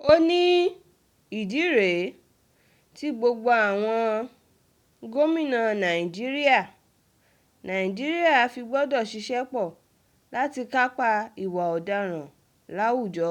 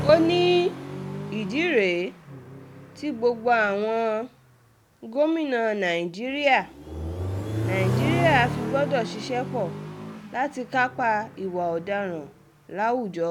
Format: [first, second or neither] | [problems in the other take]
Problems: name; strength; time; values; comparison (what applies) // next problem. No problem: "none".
first | background sound (Accelerating, revving, vroom); 7 dB below the speech